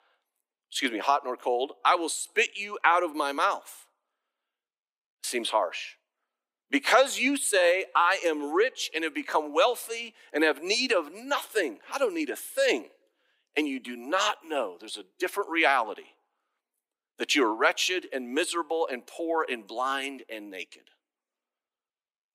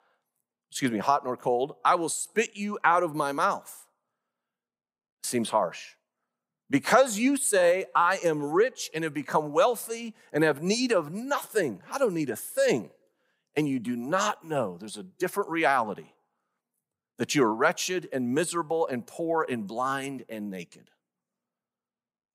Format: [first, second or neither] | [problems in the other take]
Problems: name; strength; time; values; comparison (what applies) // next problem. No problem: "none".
second | thin; very slightly; fading below 300 Hz